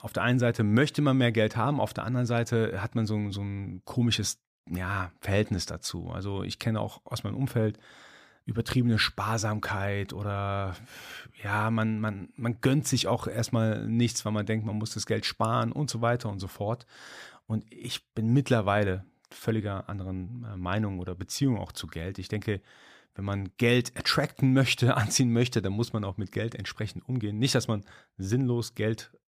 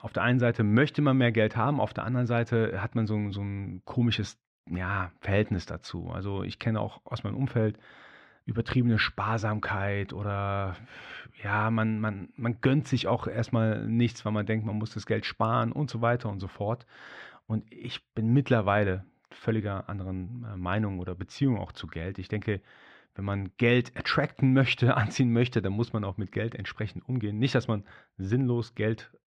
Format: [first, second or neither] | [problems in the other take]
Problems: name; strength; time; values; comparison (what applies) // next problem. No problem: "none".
first | muffled; slightly; fading above 2.5 kHz